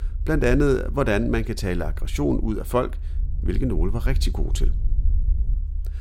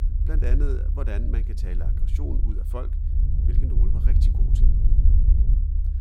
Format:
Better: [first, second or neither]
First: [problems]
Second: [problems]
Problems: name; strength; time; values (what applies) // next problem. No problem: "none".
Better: first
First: low rumble; faint; throughout; 25 dB below the speech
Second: low rumble; loud; throughout; 2 dB below the speech